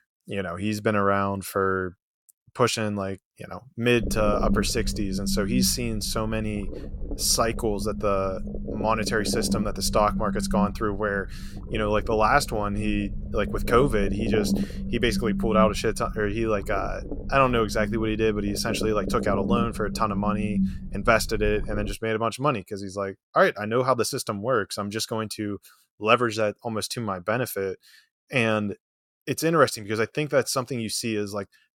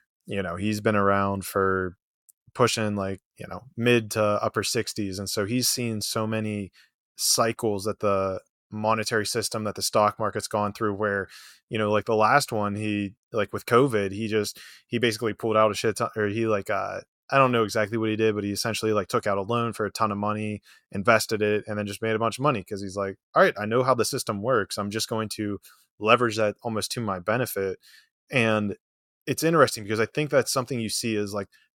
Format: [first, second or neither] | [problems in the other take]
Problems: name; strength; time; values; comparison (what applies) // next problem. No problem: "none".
second | low rumble; noticeable; from 4 to 22 s; 10 dB below the speech